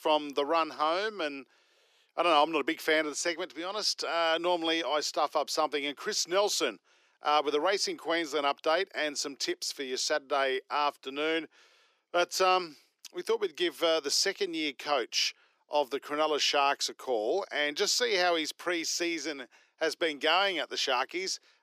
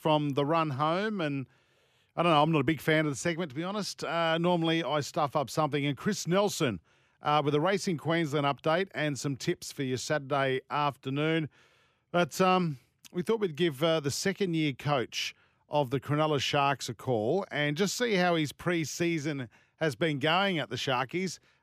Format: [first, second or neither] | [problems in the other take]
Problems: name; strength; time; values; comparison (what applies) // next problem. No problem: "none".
second | thin; somewhat; fading below 350 Hz